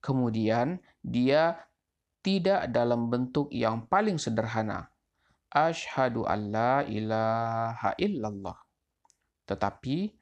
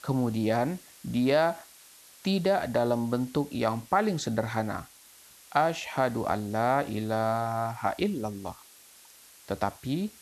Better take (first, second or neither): first